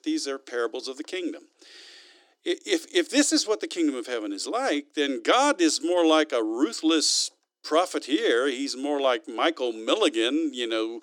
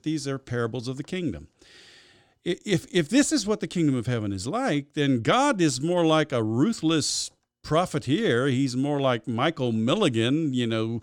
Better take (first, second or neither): second